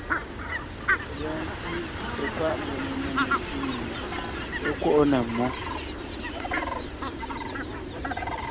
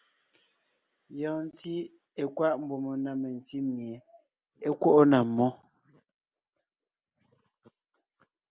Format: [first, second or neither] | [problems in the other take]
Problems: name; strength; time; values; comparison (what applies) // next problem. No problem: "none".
second | background sound (Fowl); as loud as the speech